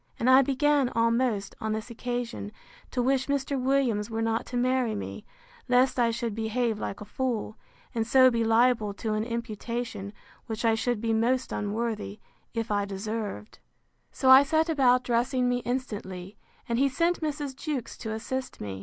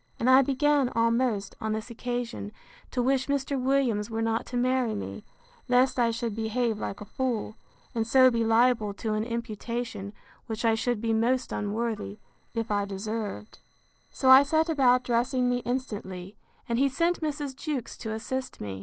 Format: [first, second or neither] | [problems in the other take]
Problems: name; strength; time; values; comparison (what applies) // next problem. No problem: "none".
first | noise reduction (neural separator model SepFormer DNS4)